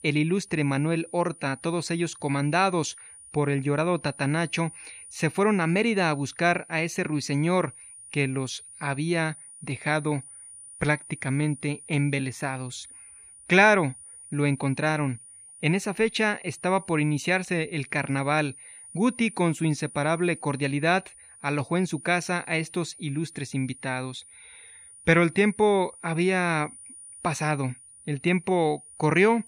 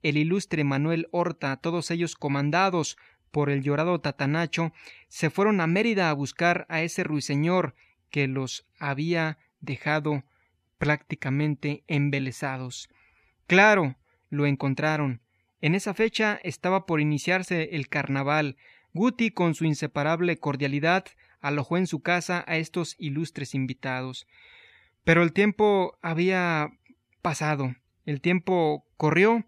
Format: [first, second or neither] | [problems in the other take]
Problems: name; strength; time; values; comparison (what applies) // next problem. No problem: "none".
second | high-pitched whine; noticeable; throughout; 9.5 kHz, 20 dB below the speech